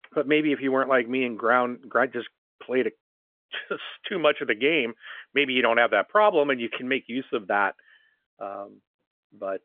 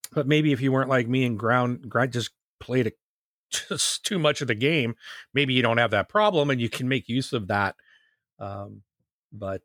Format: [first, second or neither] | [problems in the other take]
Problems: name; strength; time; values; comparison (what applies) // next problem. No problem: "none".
second | phone-call audio; nothing above 3.5 kHz